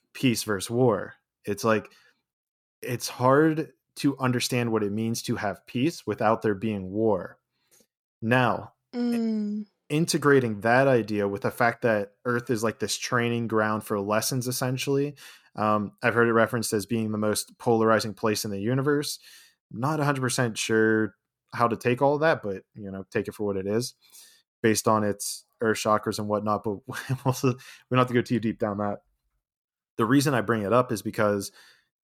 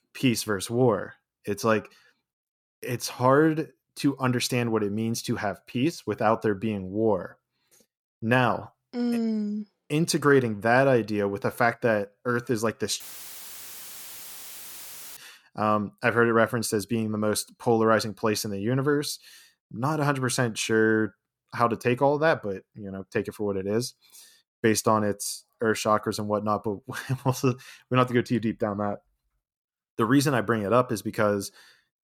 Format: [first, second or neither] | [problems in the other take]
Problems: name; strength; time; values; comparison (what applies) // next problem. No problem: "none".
first | audio cutting out; filled with static; at 13 s for 2 s